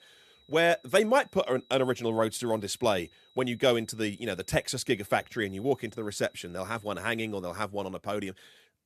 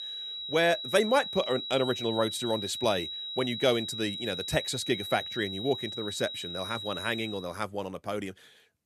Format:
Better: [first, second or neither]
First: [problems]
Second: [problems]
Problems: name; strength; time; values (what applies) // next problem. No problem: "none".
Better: first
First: high-pitched whine; faint; until 7.5 s; 4 kHz, 30 dB below the speech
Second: high-pitched whine; loud; until 7.5 s; 4 kHz, 5 dB below the speech